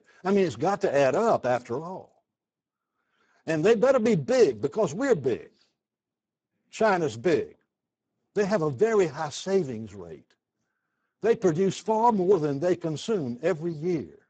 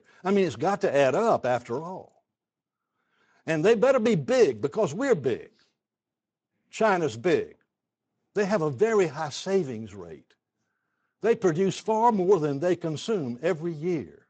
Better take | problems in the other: second | garbled, watery; badly; nothing above 7.5 kHz; slightly in the second

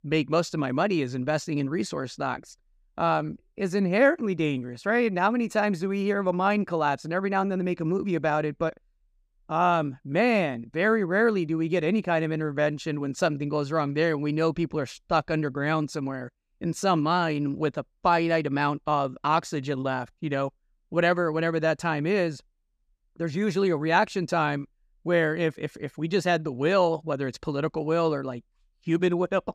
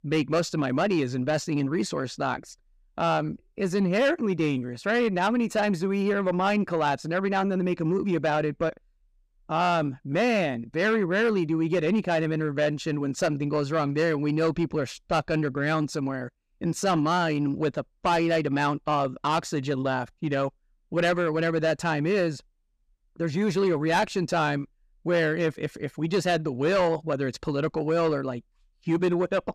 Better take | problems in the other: first | distortion; slight; 10 dB below the speech

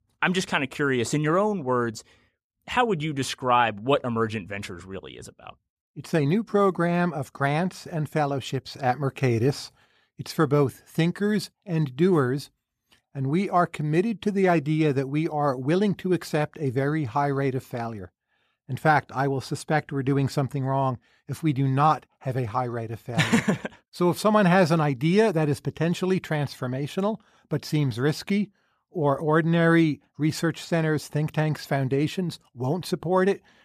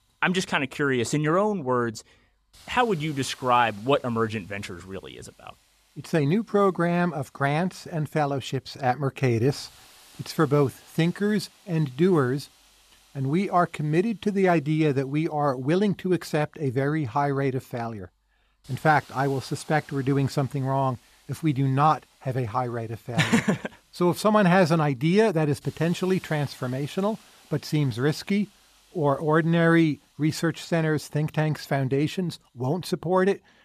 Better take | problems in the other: first | hiss; faint; throughout; 30 dB below the speech

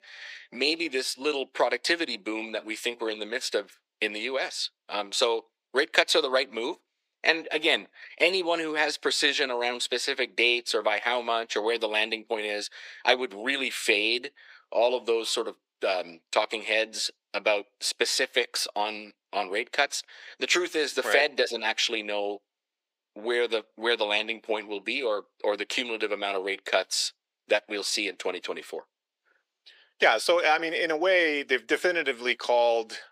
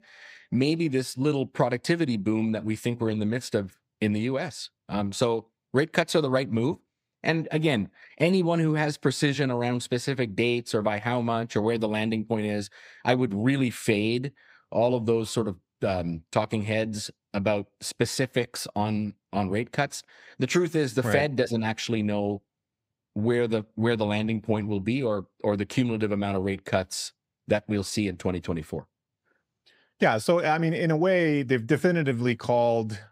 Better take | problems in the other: second | thin; very; fading below 400 Hz

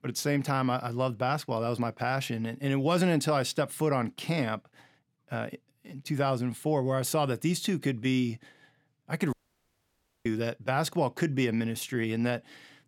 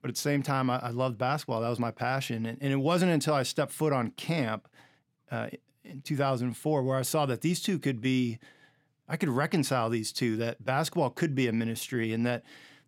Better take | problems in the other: second | audio cutting out; at 9.5 s for 1 s

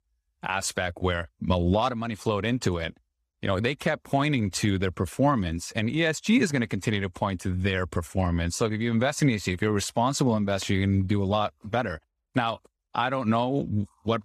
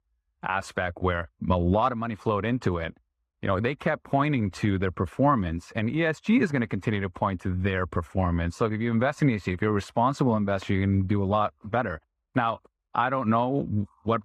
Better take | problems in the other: first | muffled; slightly; fading above 3.5 kHz

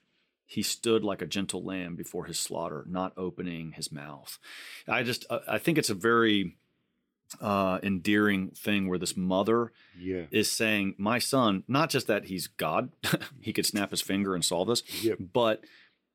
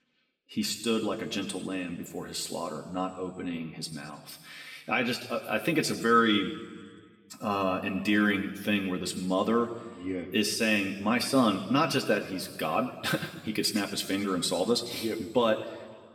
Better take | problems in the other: first | room echo; slight; dies away in 1.3 s // off-mic speech; somewhat distant

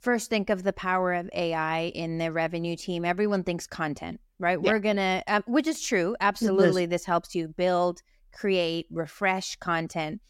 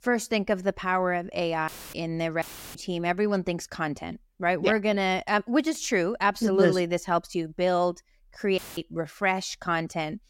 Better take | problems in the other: first | audio cutting out; filled with static; at 1.5 s, at 2.5 s and at 8.5 s

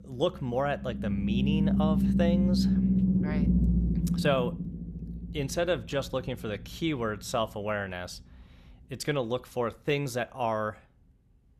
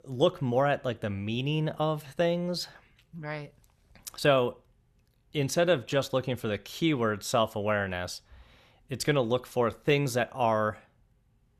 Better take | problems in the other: second | low rumble; loud; throughout; 4 dB below the speech

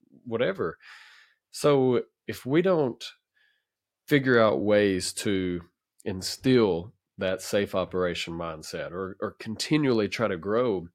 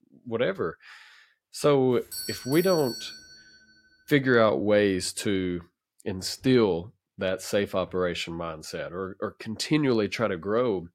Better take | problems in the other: first | doorbell; noticeable; from 2 to 3.5 s; peak 8 dB below the speech

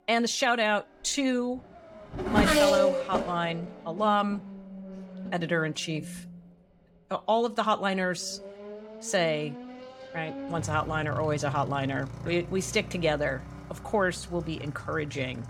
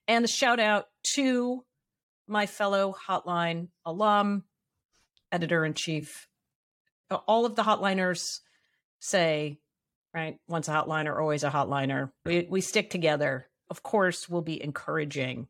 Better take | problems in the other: second | traffic noise; loud; throughout; 4 dB below the speech

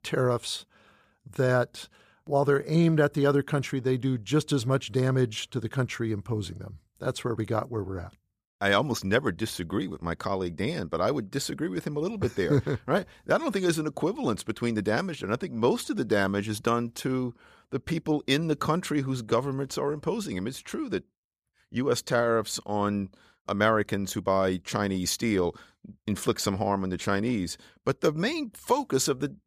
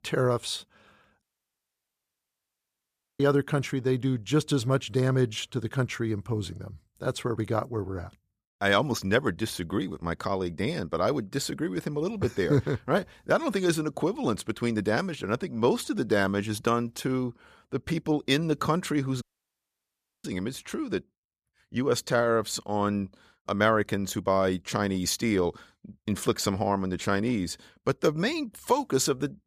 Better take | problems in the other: first | audio cutting out; at 1 s for 2 s and at 19 s for 1 s

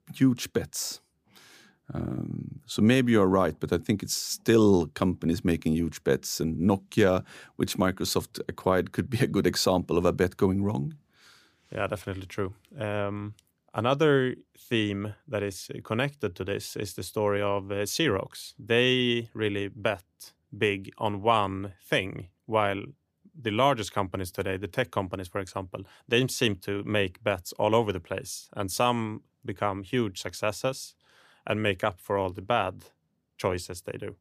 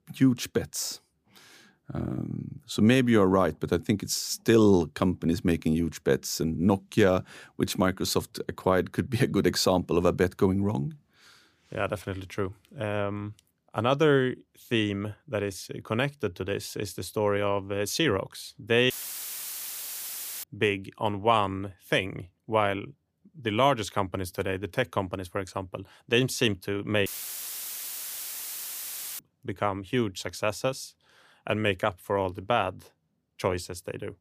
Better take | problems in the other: first | audio cutting out; filled with static; at 19 s for 1.5 s and at 27 s for 2 s

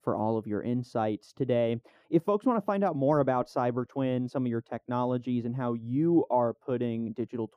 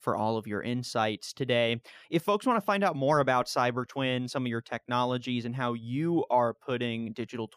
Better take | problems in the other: second | muffled; slightly; fading above 1.5 kHz

